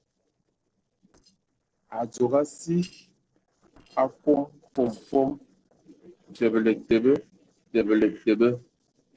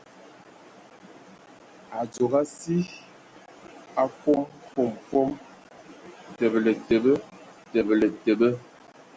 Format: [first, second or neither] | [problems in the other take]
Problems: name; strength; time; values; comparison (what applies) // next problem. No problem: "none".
second | noise reduction (neural separator model SepFormer DNS4)